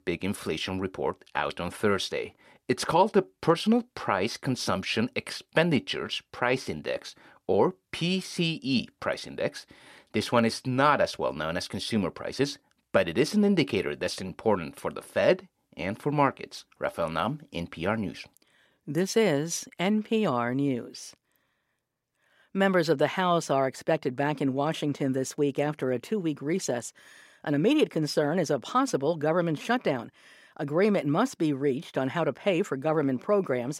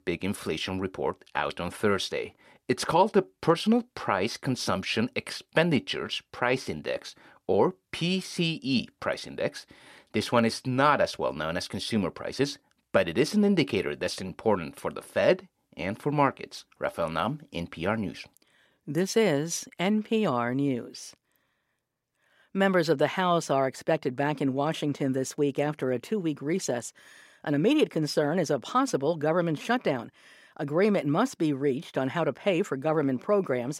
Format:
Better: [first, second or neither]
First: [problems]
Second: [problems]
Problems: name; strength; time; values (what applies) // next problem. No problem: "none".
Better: neither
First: none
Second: none